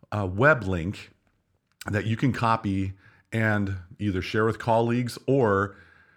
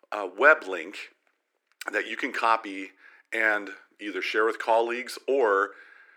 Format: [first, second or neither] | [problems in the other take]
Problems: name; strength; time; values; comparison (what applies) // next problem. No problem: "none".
first | thin; very; fading below 350 Hz